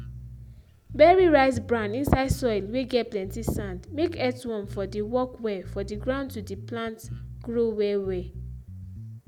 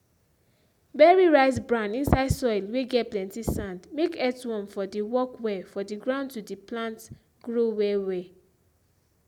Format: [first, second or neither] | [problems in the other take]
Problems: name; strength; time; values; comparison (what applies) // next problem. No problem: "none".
second | background sound (Bass guitar); 14 dB below the speech